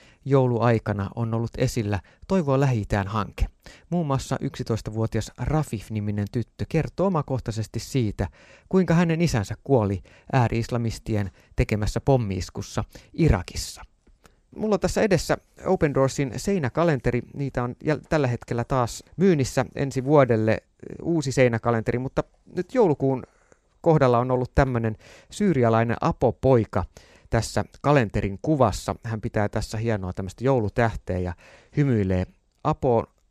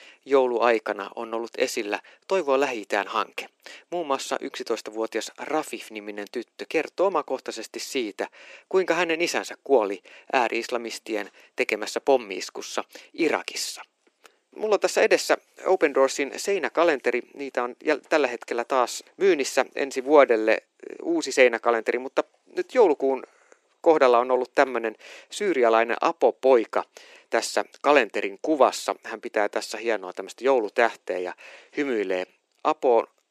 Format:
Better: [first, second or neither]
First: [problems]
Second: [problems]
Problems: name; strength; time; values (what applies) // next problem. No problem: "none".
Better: first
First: none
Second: thin; very; fading below 300 Hz